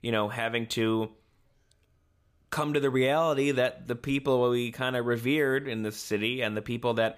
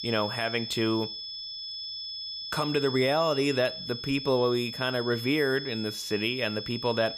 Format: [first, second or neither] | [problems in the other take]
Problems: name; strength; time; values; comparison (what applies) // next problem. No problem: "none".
first | high-pitched whine; loud; throughout; 5 kHz, 7 dB below the speech